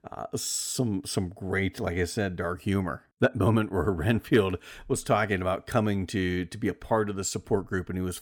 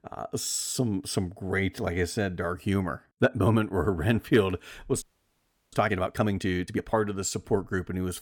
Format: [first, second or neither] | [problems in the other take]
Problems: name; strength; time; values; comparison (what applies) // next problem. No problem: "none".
first | audio freezing; at 5 s for 0.5 s